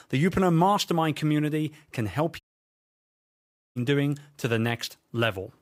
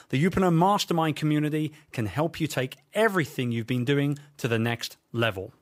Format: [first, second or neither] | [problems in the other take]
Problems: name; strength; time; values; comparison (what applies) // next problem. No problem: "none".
second | audio cutting out; at 2.5 s for 1.5 s